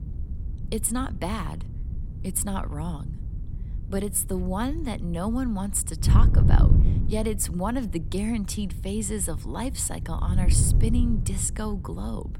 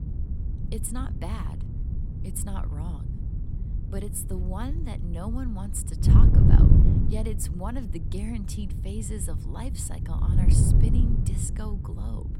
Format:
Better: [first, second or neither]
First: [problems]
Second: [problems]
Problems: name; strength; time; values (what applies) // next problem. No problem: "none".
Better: first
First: wind noise on the microphone; occasional gusts; 10 dB below the speech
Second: wind noise on the microphone; heavy; as loud as the speech